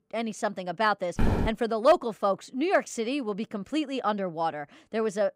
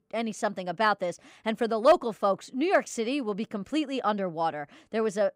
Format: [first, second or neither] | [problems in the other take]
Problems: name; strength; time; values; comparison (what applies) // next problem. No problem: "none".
second | footsteps; loud; at 1 s; peak level with the speech